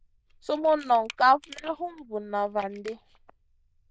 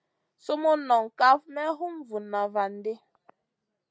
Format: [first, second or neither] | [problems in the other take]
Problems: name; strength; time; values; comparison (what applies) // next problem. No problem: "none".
second | noise reduction (neural diffusion model UNIVERSE++)